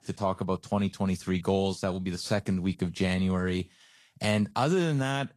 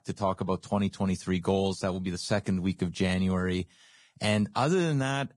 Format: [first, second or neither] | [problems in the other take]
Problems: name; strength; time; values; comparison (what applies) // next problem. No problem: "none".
first | garbled, watery; badly; nothing above 10 kHz; slightly in the first